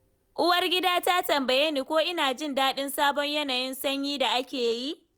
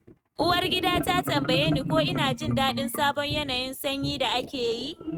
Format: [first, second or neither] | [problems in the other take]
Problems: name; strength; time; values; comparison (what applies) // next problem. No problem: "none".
first | noise reduction (neural mask model RNNoise)